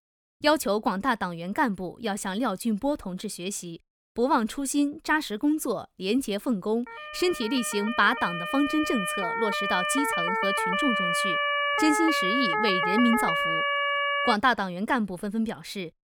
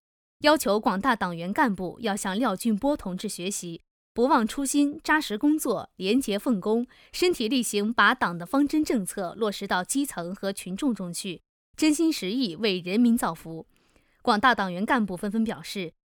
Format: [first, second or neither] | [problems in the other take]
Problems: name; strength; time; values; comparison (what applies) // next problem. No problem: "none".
second | siren; loud; from 7 to 14 s; peak 3 dB above the speech